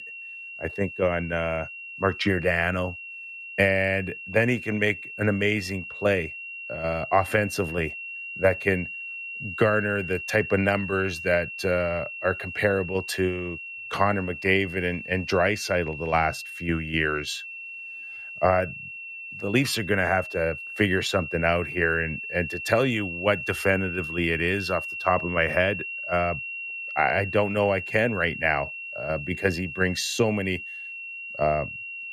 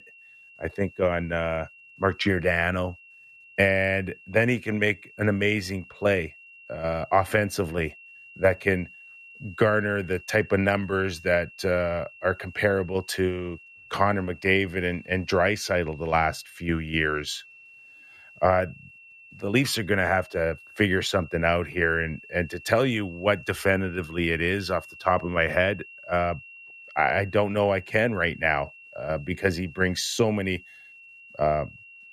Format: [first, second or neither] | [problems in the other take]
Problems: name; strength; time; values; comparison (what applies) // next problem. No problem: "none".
second | high-pitched whine; loud; throughout; 2.5 kHz, 9 dB below the speech; faint in the second